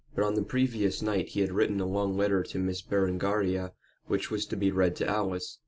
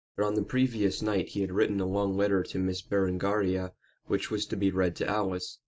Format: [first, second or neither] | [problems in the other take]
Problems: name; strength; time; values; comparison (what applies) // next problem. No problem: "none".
first | noise reduction (neural mask model DeepFilterNet 3)